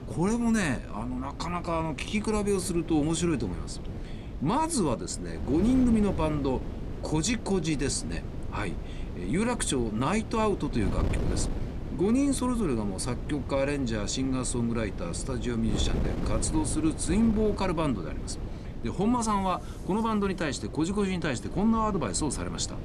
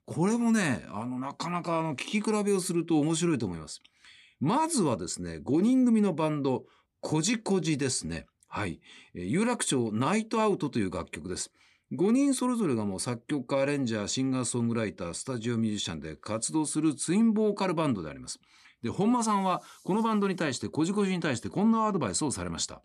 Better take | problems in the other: second | wind noise on the microphone; occasional gusts; 15 dB below the speech

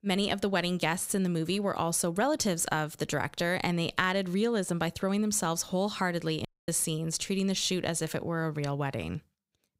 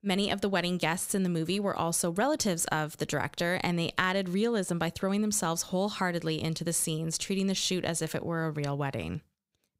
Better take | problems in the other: second | audio cutting out; at 6.5 s

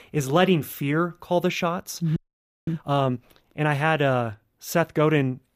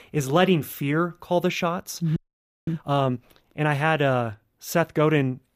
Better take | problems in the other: neither | audio freezing; at 2 s for 0.5 s; the same in both

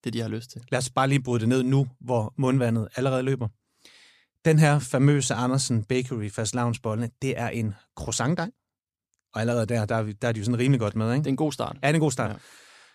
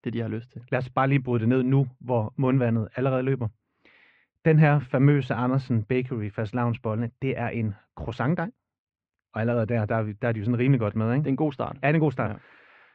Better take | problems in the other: first | muffled; very; fading above 2.5 kHz

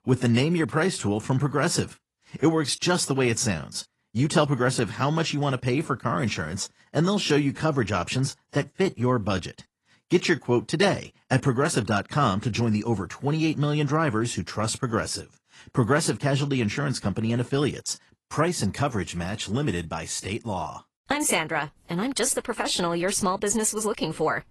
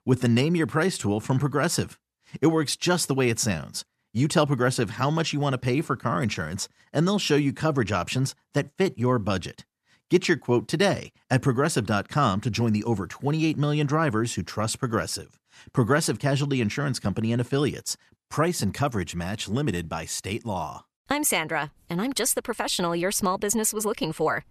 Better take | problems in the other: second | garbled, watery; slightly; nothing above 11.5 kHz

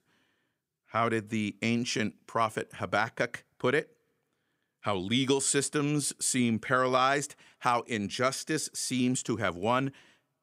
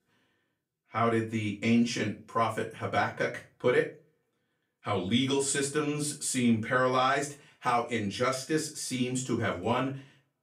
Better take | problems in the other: first | off-mic speech; far // room echo; very slight; dies away in 0.3 s

